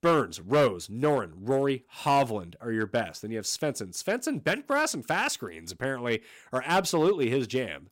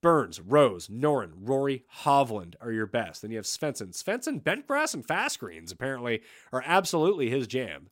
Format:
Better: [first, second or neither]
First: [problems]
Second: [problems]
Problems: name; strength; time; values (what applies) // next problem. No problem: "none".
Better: second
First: distortion; slight; 3% of the sound clipped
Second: none